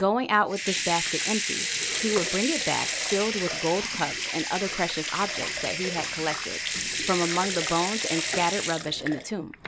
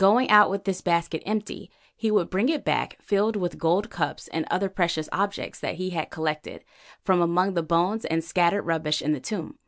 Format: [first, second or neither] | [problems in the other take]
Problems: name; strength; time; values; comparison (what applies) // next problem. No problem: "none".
second | background sound (Sink (filling or washing) / Water tap, faucet / Liquid); 2 dB below the speech